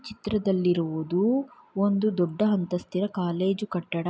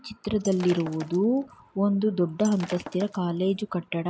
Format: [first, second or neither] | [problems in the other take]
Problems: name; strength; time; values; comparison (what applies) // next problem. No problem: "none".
first | background sound (Shatter); 17 dB below the speech